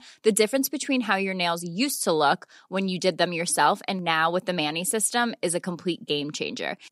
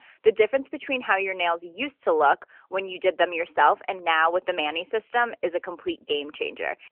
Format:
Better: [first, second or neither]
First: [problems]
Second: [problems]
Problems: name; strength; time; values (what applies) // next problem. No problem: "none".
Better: first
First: none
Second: phone-call audio; nothing above 3 kHz